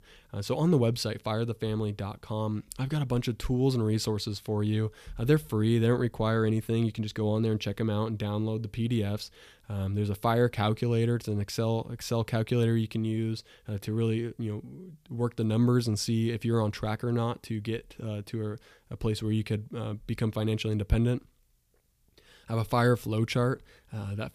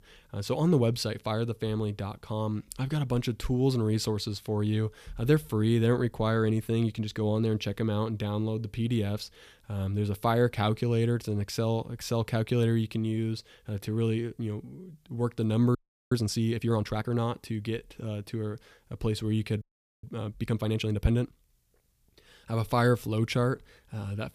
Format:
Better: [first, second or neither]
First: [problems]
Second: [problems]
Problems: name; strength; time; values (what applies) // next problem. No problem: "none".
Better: first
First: none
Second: audio freezing; at 16 s and at 20 s